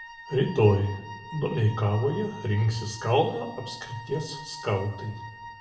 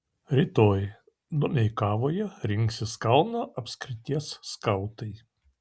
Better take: second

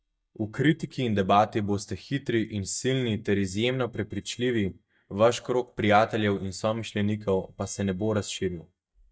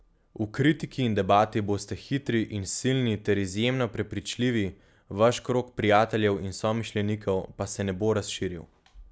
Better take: second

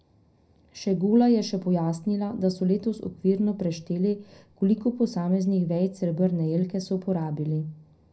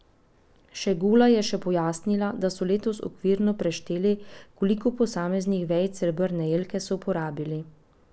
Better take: second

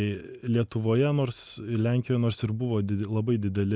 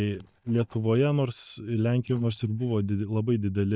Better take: first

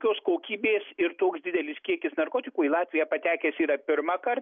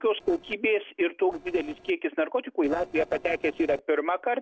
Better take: first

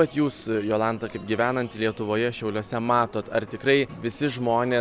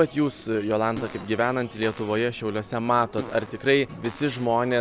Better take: first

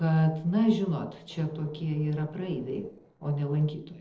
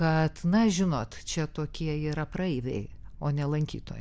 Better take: second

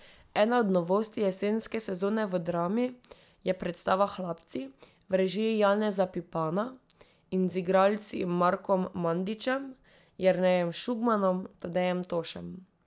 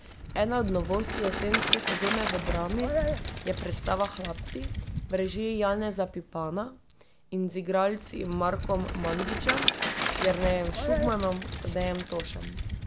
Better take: first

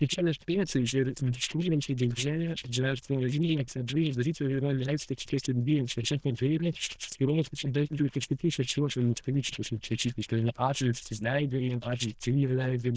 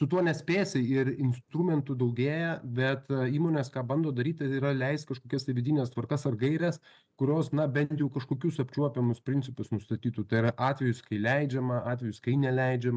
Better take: second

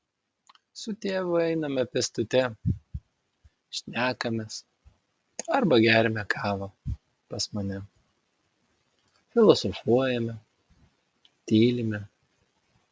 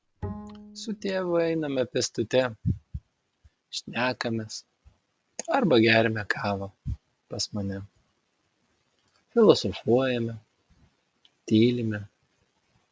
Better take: first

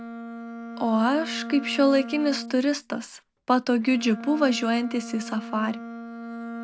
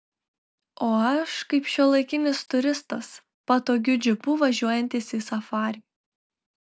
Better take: second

